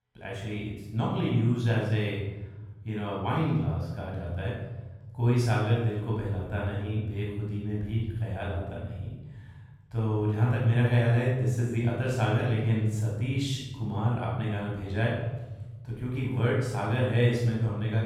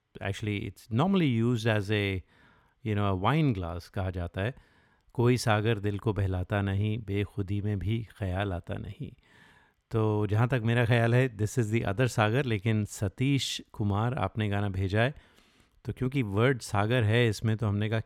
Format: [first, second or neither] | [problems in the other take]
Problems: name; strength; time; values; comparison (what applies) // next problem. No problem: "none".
second | off-mic speech; far // room echo; noticeable; dies away in 1.2 s